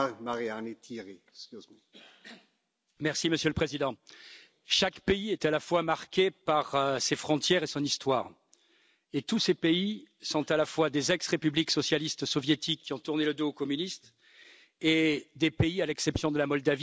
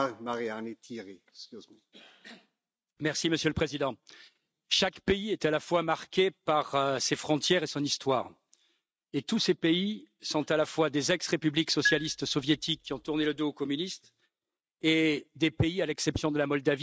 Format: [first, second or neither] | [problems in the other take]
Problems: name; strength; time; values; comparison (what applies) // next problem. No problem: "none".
first | noise reduction (neural mask model RNNoise)